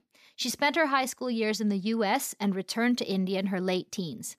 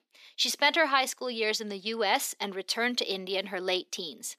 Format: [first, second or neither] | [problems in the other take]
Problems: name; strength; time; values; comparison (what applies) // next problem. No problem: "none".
first | thin; somewhat; fading below 350 Hz